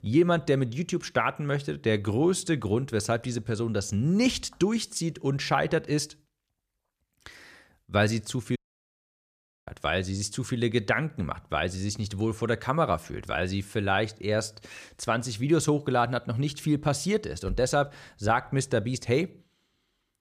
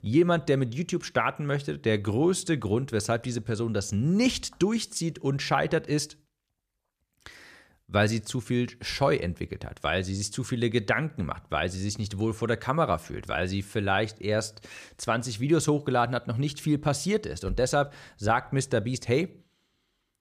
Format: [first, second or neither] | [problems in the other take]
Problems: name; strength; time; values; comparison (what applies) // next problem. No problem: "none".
second | audio cutting out; at 8.5 s for 1 s